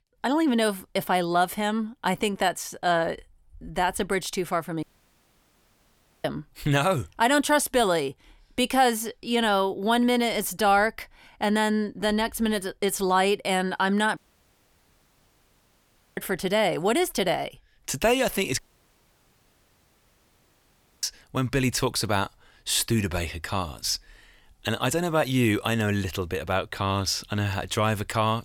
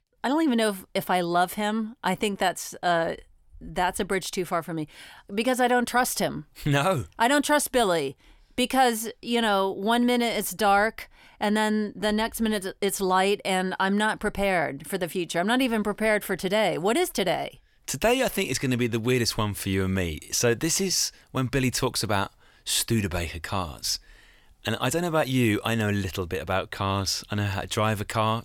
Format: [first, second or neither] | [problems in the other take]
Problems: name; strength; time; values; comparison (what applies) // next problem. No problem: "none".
second | audio cutting out; at 5 s for 1.5 s, at 14 s for 2 s and at 19 s for 2.5 s